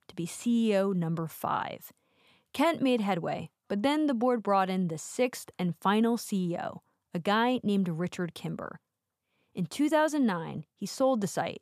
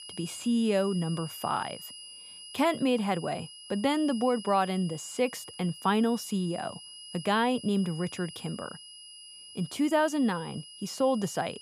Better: first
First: none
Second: high-pitched whine; noticeable; throughout; 3 kHz, 15 dB below the speech

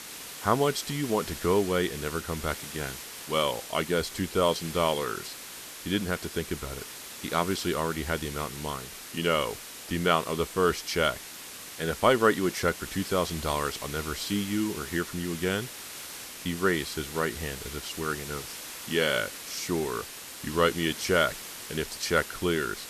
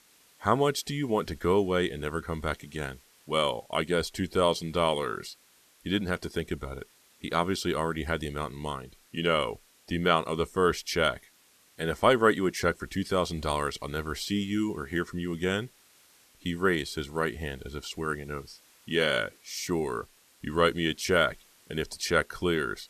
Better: second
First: hiss; loud; throughout; 10 dB below the speech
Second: hiss; faint; throughout; 30 dB below the speech

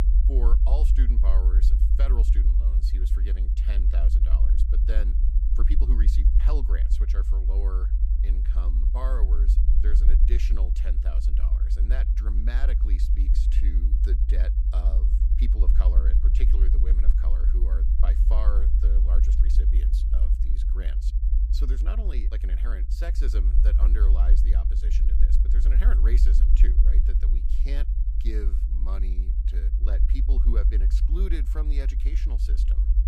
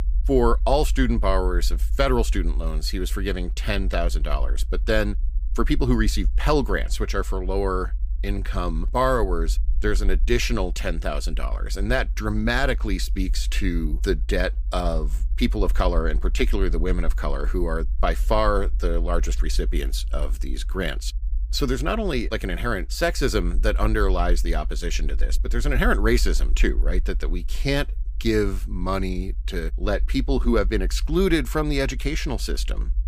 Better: second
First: low rumble; loud; throughout; 3 dB below the speech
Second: low rumble; faint; throughout; 25 dB below the speech

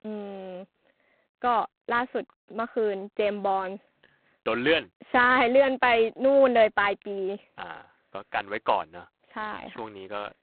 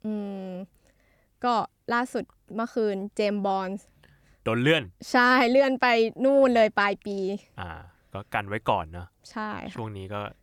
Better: second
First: phone-call audio; poor line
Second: none

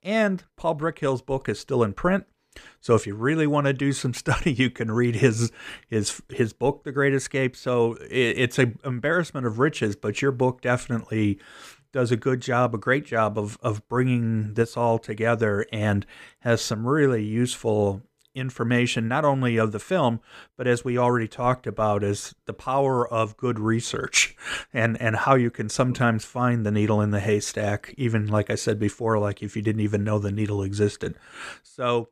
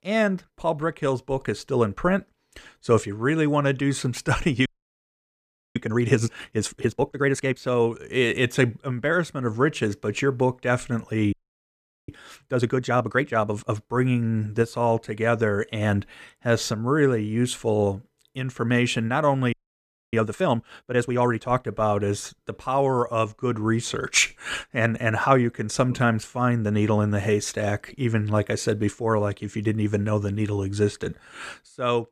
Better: first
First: none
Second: audio freezing; at 4.5 s for 1 s, at 11 s for 1 s and at 20 s for 0.5 s

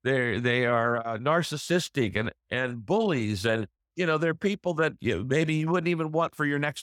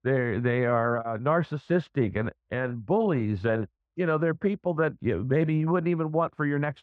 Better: first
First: none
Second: muffled; very; fading above 1.5 kHz

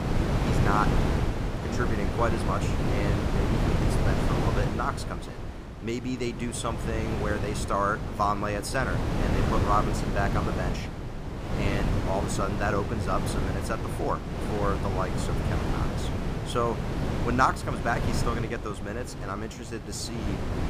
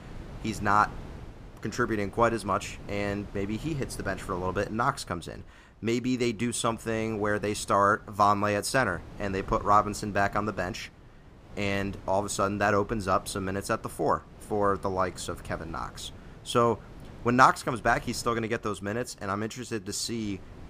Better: second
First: wind noise on the microphone; heavy; 4 dB below the speech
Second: wind noise on the microphone; occasional gusts; 25 dB below the speech

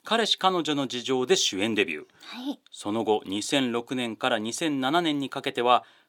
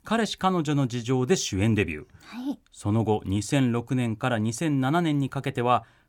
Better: second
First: thin; somewhat; fading below 350 Hz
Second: none

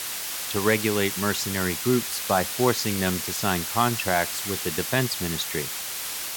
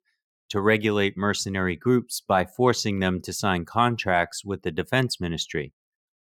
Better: second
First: hiss; loud; throughout; 3 dB below the speech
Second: none

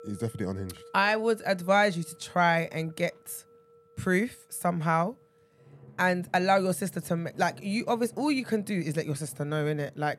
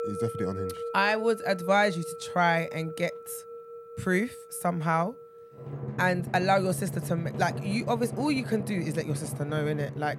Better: first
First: background music; faint; throughout; 25 dB below the speech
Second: background music; loud; throughout; 9 dB below the speech

